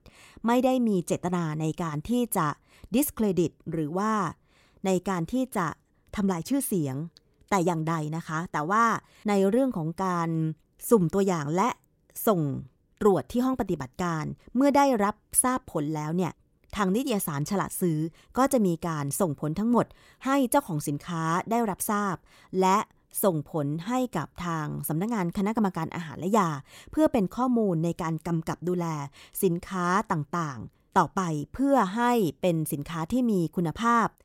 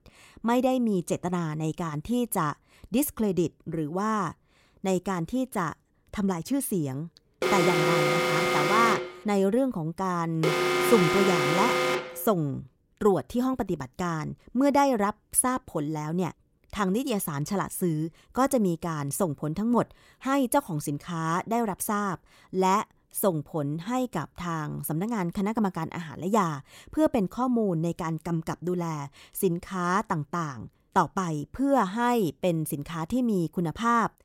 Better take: first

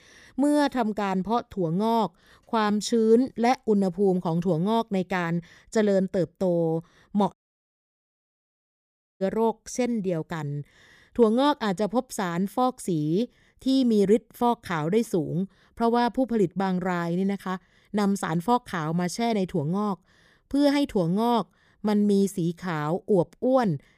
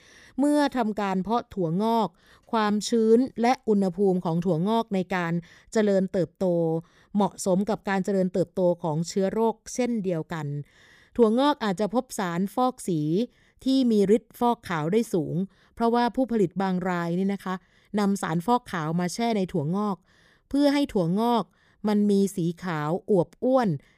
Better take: second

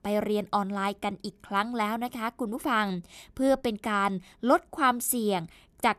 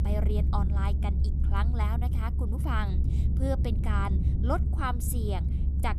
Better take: first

